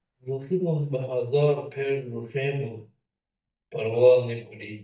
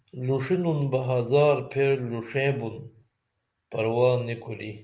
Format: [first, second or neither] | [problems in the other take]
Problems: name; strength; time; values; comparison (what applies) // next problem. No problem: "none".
second | noise reduction (neural mask model DeepFilterNet 3)